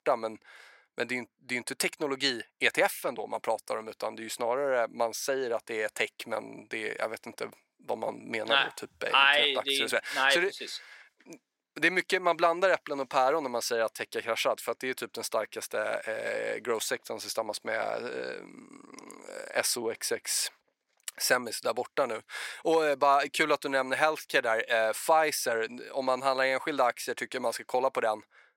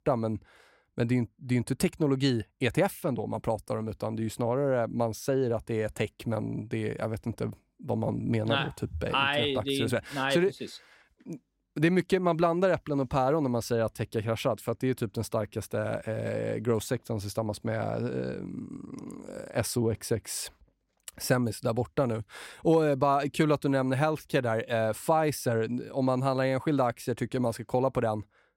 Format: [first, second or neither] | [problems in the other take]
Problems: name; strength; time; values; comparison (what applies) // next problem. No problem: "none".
second | thin; very; fading below 600 Hz